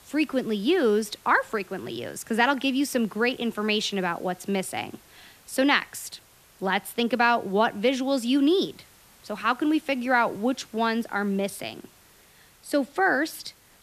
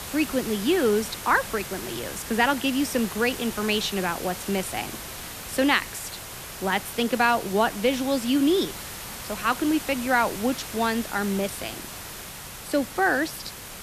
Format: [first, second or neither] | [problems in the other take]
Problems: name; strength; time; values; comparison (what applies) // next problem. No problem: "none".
first | hiss; loud; throughout; 10 dB below the speech; faint in the first